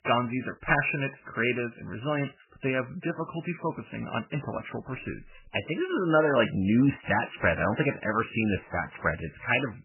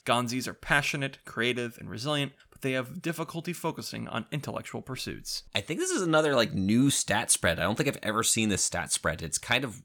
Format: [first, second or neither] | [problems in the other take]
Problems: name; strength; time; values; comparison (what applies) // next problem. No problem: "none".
second | garbled, watery; badly; nothing above 3 kHz